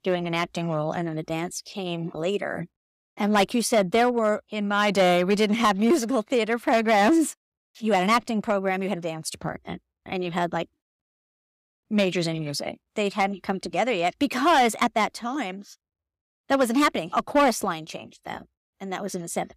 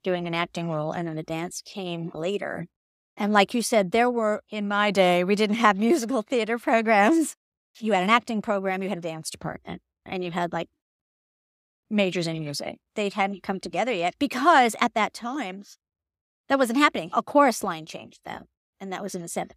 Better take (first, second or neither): second